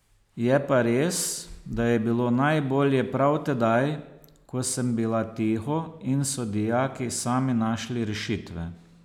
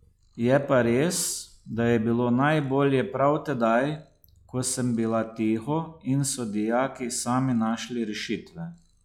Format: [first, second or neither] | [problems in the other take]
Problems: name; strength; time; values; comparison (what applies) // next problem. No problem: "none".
first | noise reduction (classical method log-MMSE)